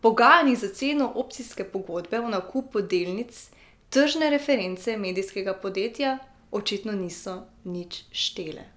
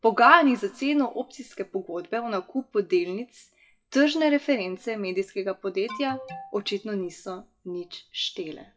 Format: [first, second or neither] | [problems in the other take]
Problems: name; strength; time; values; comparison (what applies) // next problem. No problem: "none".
first | noise reduction (classical method WPE with log-MMSE)